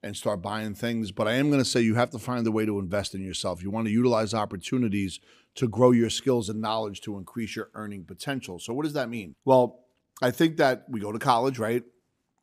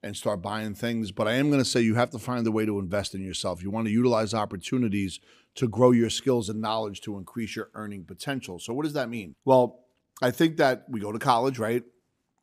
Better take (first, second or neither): neither